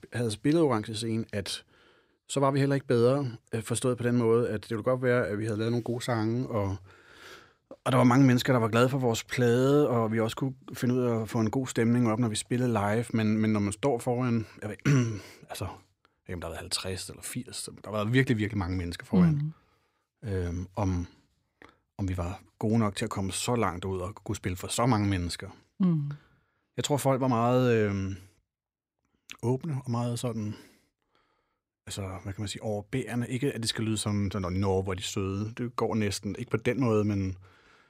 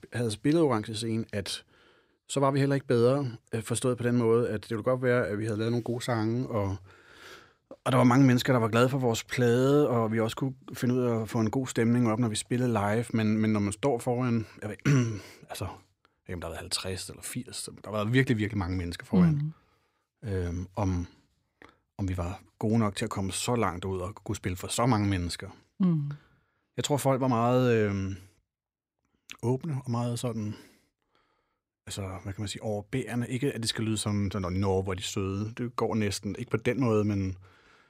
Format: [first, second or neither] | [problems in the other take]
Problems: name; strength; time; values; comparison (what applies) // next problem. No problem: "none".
neither | none